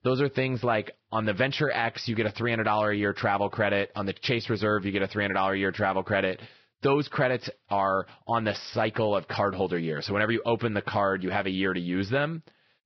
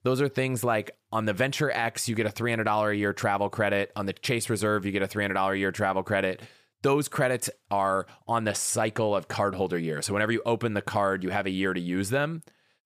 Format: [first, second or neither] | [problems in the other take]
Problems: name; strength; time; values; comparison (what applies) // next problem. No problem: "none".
second | garbled, watery; badly; nothing above 5.5 kHz